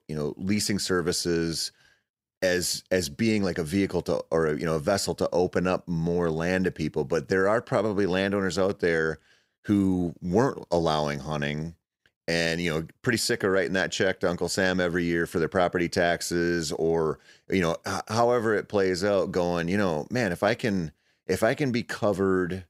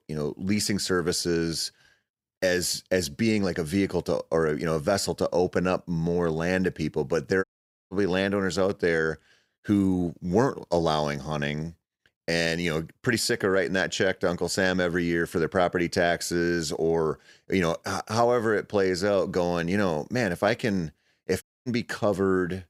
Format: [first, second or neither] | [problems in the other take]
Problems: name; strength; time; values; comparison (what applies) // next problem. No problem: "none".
first | audio cutting out; at 7.5 s and at 21 s